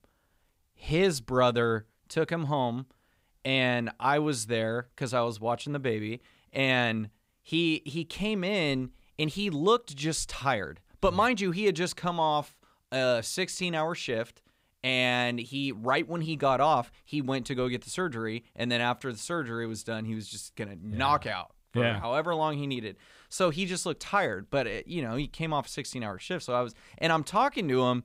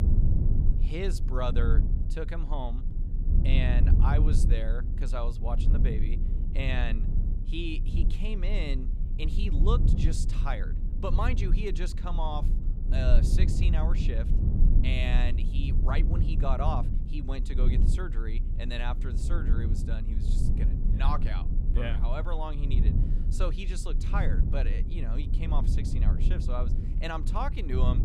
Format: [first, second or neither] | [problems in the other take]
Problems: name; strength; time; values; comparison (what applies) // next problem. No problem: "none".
first | low rumble; loud; throughout; 7 dB below the speech